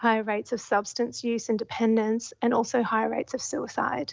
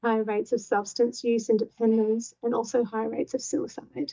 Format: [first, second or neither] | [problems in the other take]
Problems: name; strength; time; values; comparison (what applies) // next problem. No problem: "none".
first | noise reduction (neural mask model DeepFilterNet 3)